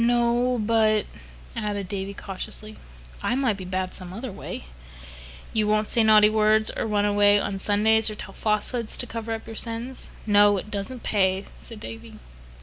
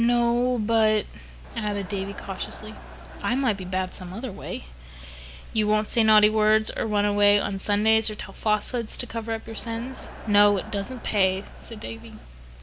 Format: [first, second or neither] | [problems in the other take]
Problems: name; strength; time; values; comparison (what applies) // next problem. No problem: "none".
first | background sound (Crowd); 17 dB below the speech